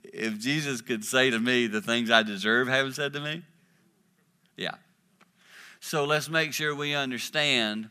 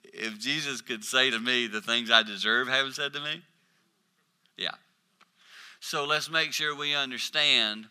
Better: first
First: none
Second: thin; very slightly; fading below 400 Hz

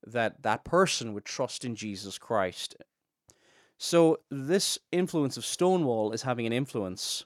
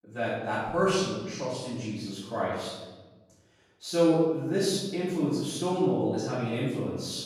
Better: first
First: none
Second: room echo; strong; dies away in 1.2 s // off-mic speech; far

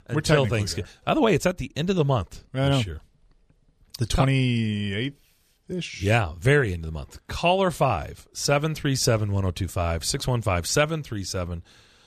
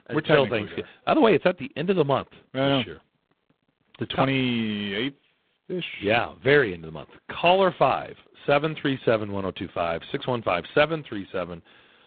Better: first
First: none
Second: phone-call audio; poor line; nothing above 3.5 kHz

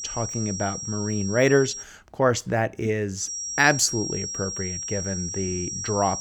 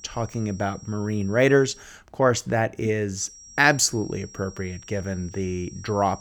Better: second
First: high-pitched whine; loud; until 2 s and from 3.5 s on; 5.5 kHz, 5 dB below the speech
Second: high-pitched whine; faint; until 2 s and from 3.5 s on; 5.5 kHz, 20 dB below the speech

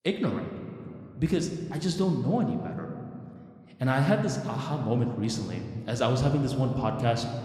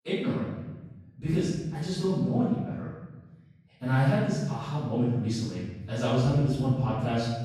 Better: first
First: room echo; slight; dies away in 2.1 s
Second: room echo; strong; dies away in 1.2 s // off-mic speech; far

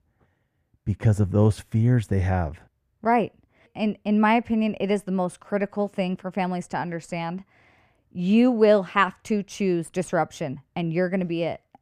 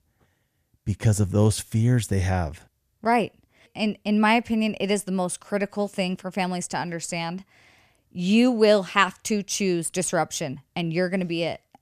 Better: second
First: muffled; slightly; fading above 3 kHz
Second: none

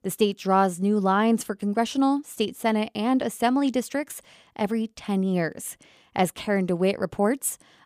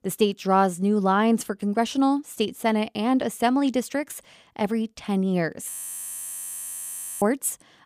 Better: first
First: none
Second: audio freezing; at 5.5 s for 1.5 s

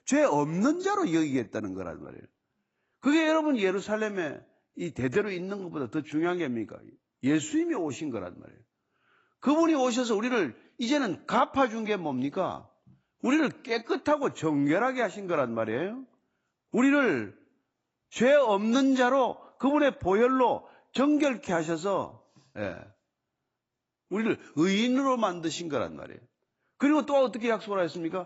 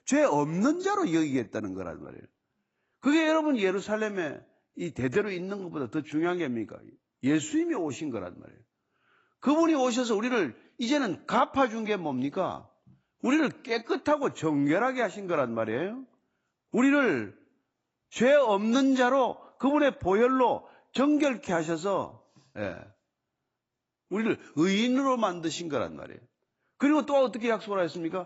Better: neither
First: garbled, watery; badly; nothing above 7.5 kHz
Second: garbled, watery; badly; nothing above 7.5 kHz

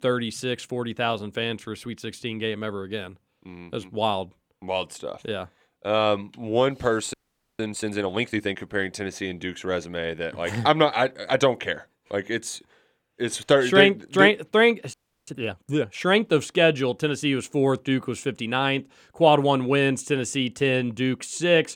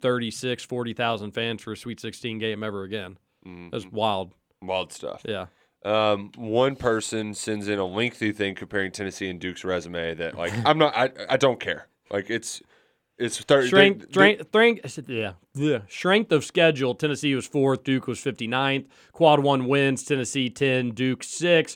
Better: second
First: audio freezing; at 7 s and at 15 s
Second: none

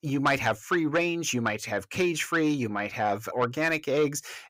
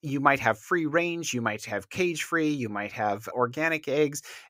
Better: second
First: distortion; slight; 10 dB below the speech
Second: none

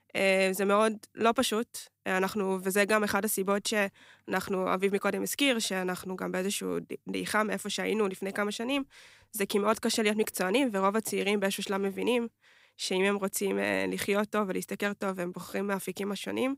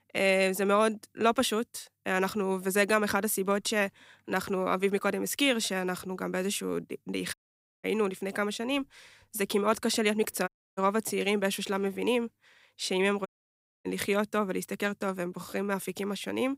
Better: first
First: none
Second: audio cutting out; at 7.5 s, at 10 s and at 13 s for 0.5 s

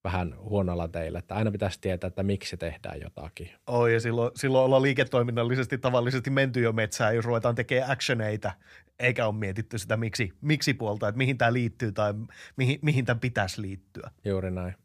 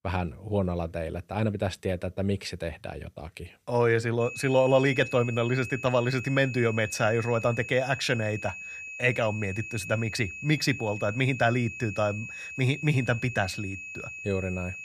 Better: first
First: none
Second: high-pitched whine; loud; from 4 s on; 2.5 kHz, 10 dB below the speech

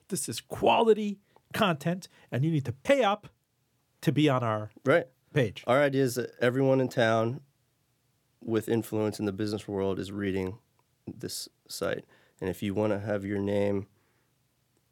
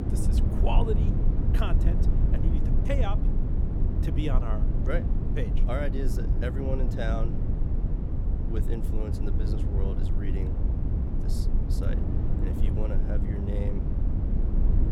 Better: first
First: none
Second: low rumble; loud; throughout; 3 dB below the speech

